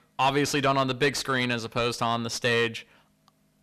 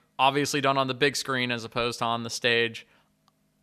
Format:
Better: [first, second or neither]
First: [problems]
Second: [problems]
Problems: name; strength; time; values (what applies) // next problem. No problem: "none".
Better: second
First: distortion; slight; 10 dB below the speech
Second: none